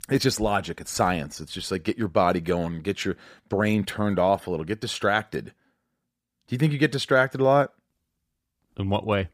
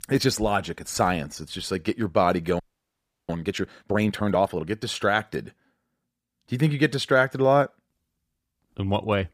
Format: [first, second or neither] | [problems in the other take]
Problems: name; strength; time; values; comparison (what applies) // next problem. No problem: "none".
first | audio freezing; at 2.5 s for 0.5 s